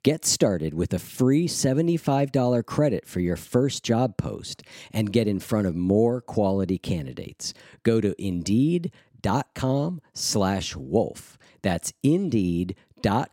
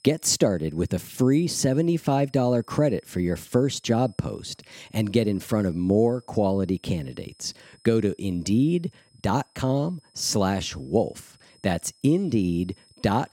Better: first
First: none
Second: high-pitched whine; faint; throughout; 5 kHz, 35 dB below the speech

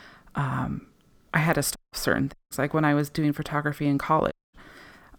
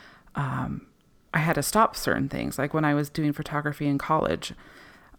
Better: second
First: audio cutting out; at 2 s, at 2.5 s and at 4.5 s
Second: none

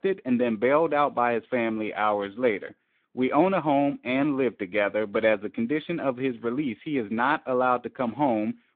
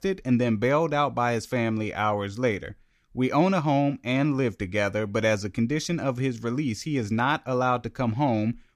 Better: second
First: phone-call audio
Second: none

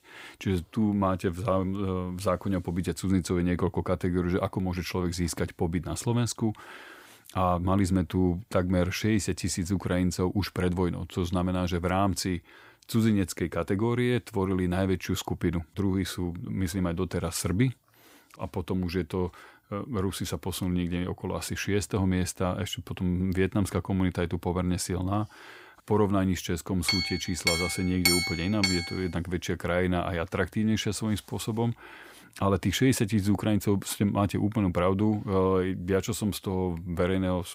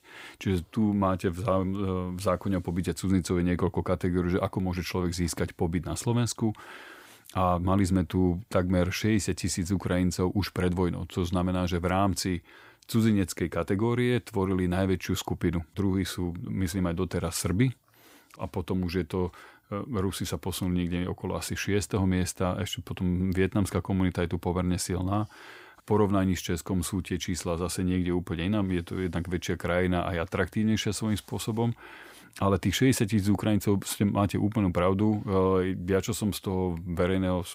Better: second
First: clattering dishes; loud; from 27 to 29 s; peak 4 dB above the speech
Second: none

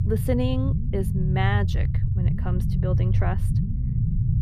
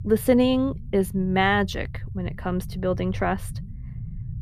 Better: second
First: low rumble; loud; throughout; 6 dB below the speech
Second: low rumble; faint; throughout; 25 dB below the speech

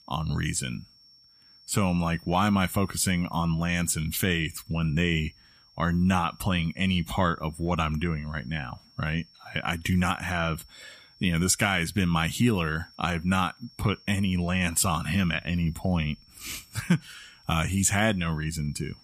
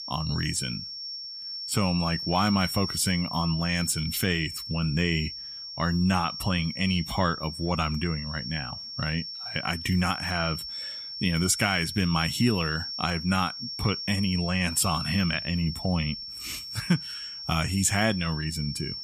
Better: first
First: high-pitched whine; faint; throughout; 5.5 kHz, 25 dB below the speech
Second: high-pitched whine; loud; throughout; 5.5 kHz, 6 dB below the speech

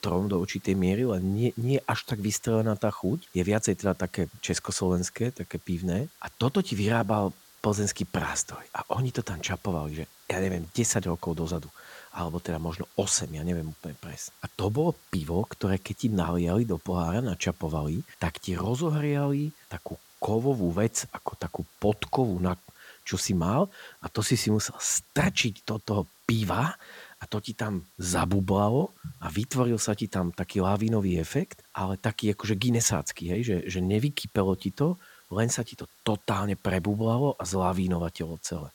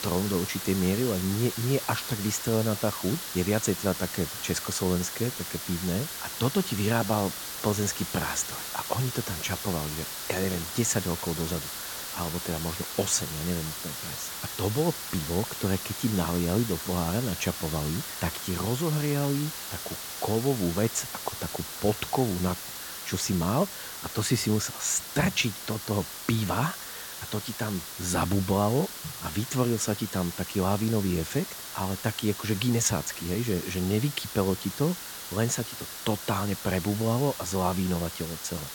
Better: first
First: hiss; faint; throughout; 25 dB below the speech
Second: hiss; loud; throughout; 6 dB below the speech

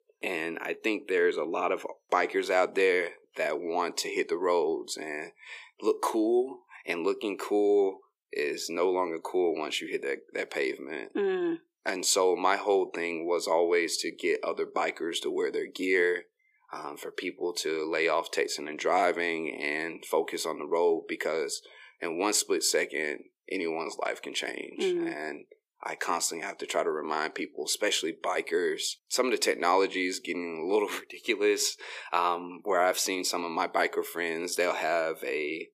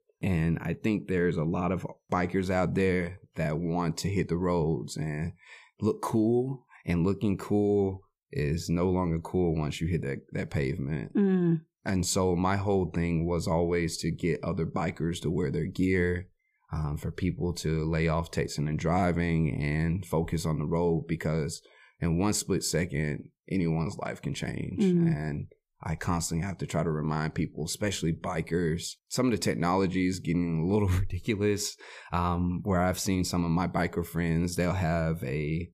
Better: second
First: thin; very; fading below 350 Hz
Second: none

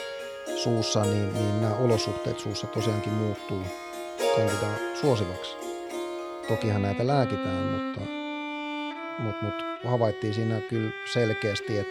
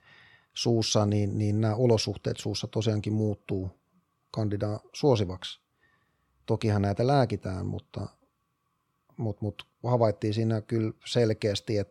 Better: second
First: background music; loud; throughout; 4 dB below the speech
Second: none

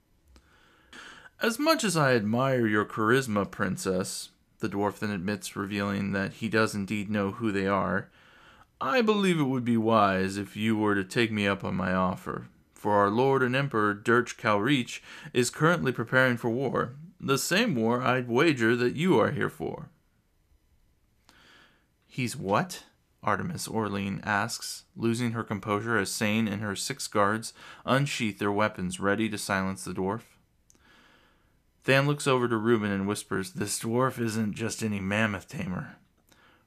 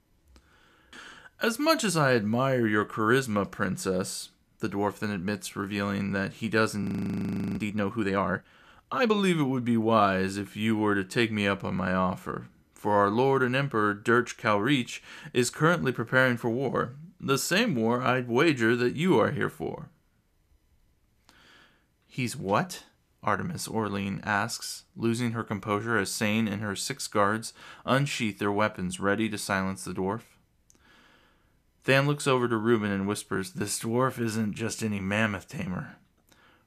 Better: first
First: none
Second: audio freezing; at 7 s for 0.5 s

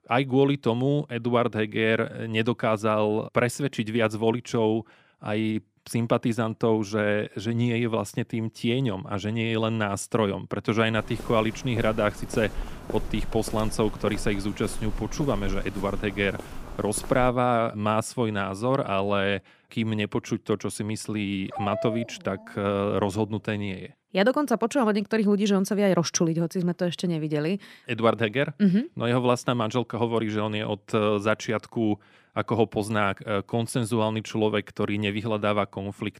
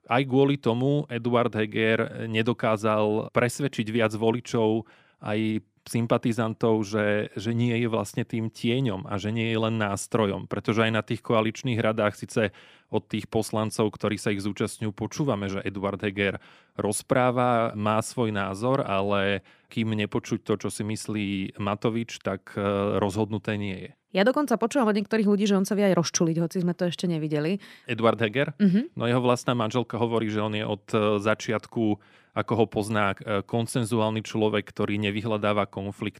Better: second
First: footsteps; faint; from 11 to 17 s; peak 10 dB below the speech // dog barking; noticeable; from 21 to 23 s; peak 6 dB below the speech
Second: none

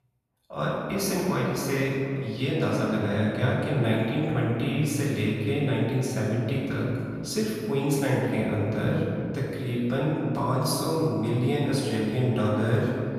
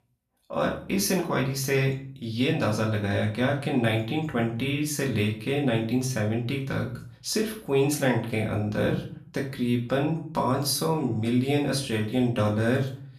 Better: second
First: room echo; strong; dies away in 2.6 s // off-mic speech; far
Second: room echo; slight; dies away in 0.4 s // off-mic speech; far

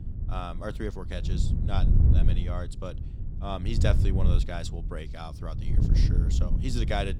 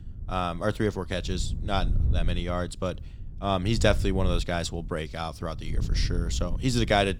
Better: second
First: wind noise on the microphone; heavy; 5 dB below the speech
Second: wind noise on the microphone; occasional gusts; 20 dB below the speech

